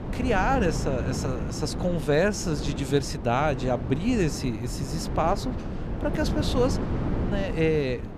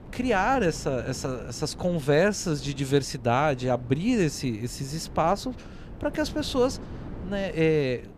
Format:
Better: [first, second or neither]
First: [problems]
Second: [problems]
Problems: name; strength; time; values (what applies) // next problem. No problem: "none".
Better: second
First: wind noise on the microphone; heavy; 9 dB below the speech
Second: wind noise on the microphone; occasional gusts; 20 dB below the speech